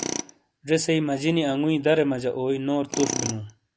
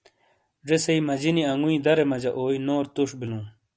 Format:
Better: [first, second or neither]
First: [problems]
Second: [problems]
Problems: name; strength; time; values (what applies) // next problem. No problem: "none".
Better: second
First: background sound (Tools); 11 dB below the speech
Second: none